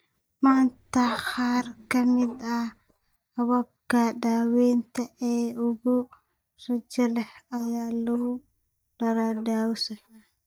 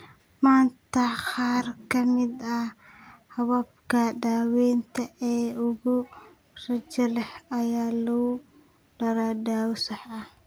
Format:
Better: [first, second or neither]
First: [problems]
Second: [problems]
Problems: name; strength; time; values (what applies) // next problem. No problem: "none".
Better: second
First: noise reduction (neural mask model DeepFilterNet 3)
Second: none